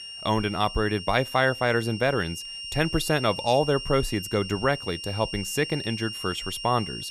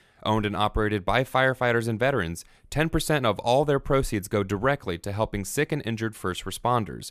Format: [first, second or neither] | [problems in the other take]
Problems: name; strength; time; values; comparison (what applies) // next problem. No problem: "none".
second | high-pitched whine; loud; throughout; 3 kHz, 9 dB below the speech